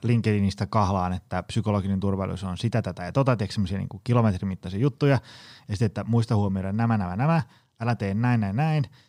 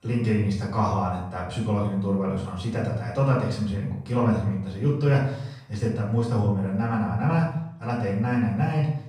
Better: first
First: none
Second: room echo; noticeable; dies away in 0.6 s // off-mic speech; far

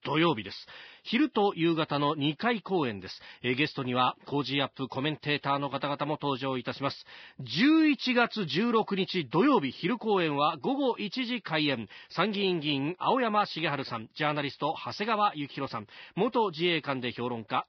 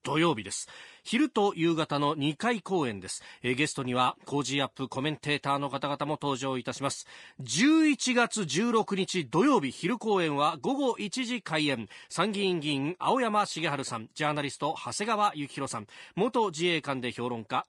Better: second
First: garbled, watery; badly; nothing above 5.5 kHz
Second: garbled, watery; slightly

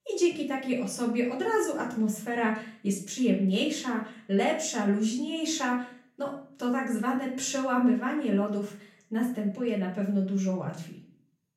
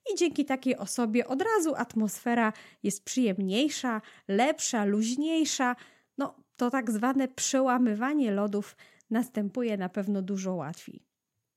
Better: second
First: off-mic speech; far // room echo; slight; dies away in 0.4 s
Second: none

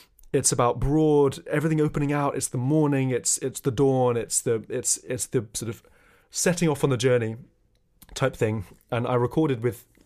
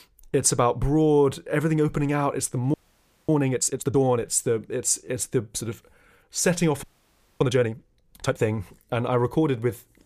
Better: first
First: none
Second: audio freezing; at 2.5 s for 0.5 s and at 7 s for 0.5 s

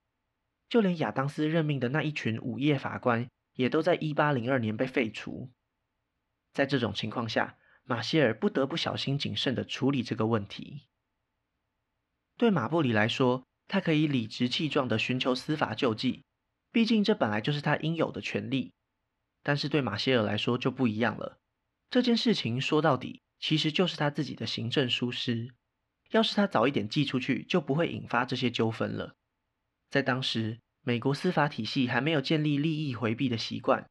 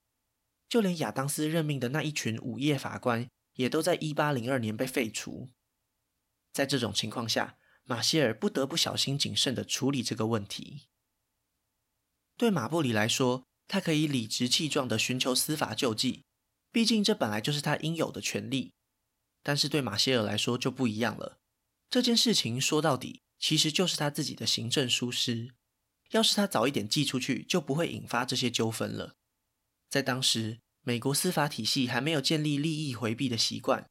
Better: second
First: muffled; slightly; fading above 2.5 kHz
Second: none

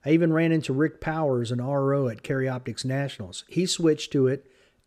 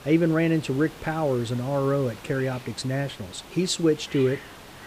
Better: first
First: none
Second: hiss; noticeable; throughout; 15 dB below the speech

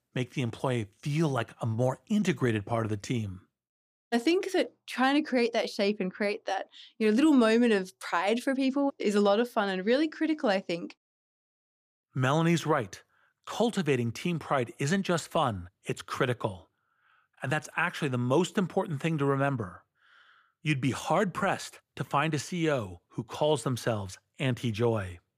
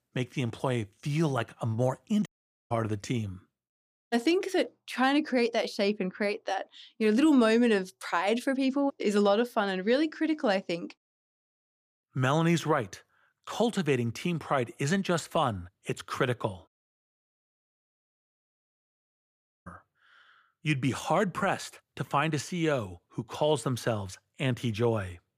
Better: first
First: none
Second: audio cutting out; at 2.5 s and at 17 s for 3 s

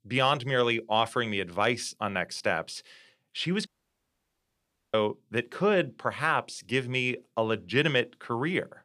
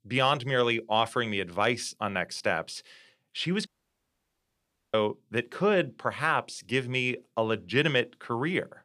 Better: neither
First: audio cutting out; at 3.5 s for 1.5 s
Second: audio cutting out; at 3.5 s for 1.5 s

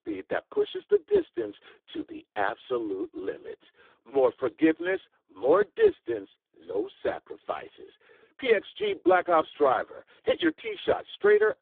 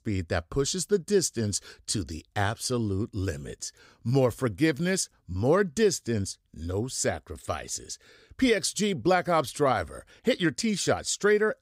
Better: second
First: phone-call audio; poor line; nothing above 3.5 kHz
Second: none

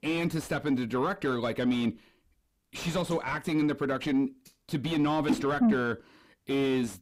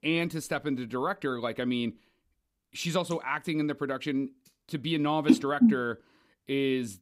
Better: second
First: distortion; heavy; 6 dB below the speech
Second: none

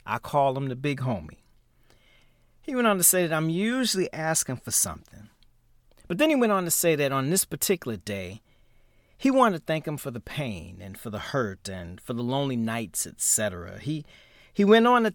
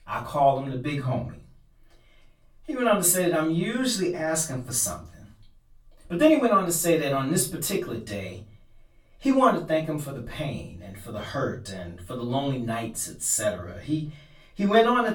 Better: first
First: none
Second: off-mic speech; far // room echo; slight; dies away in 0.3 s

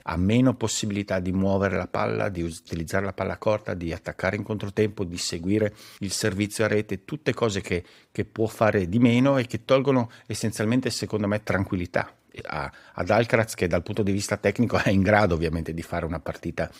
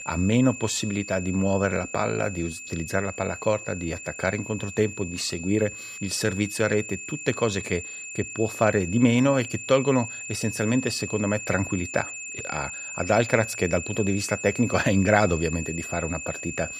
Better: first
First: none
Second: high-pitched whine; loud; throughout; 2.5 kHz, 9 dB below the speech

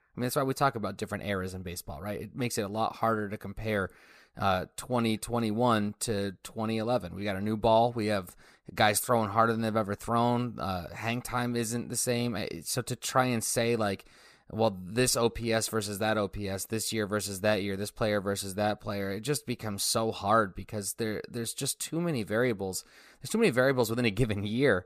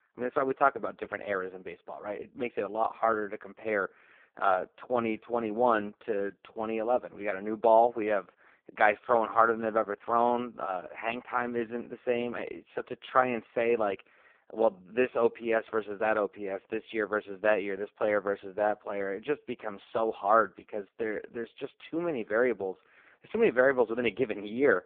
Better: first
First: none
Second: phone-call audio; poor line

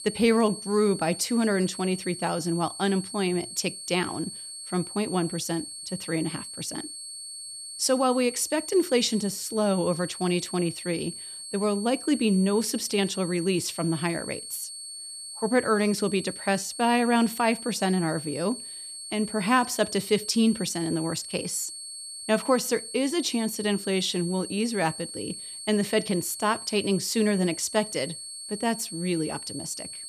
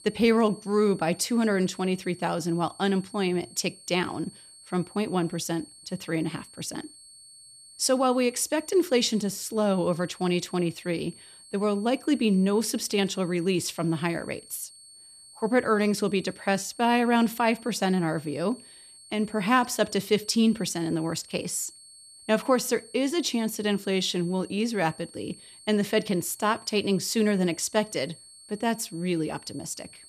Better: second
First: high-pitched whine; loud; throughout; 8.5 kHz, 10 dB below the speech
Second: high-pitched whine; faint; throughout; 8.5 kHz, 20 dB below the speech

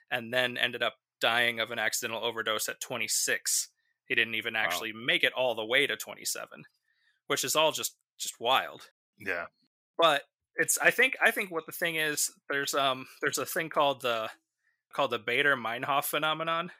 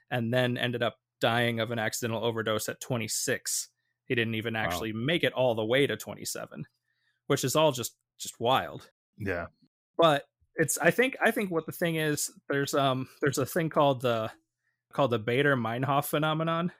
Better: second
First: thin; somewhat; fading below 1 kHz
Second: none

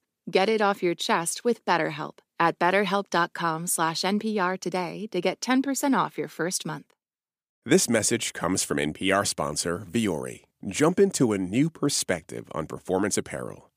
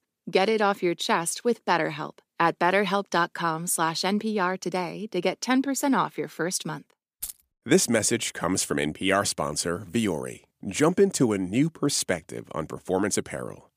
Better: first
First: none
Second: jangling keys; faint; at 7 s; peak 10 dB below the speech

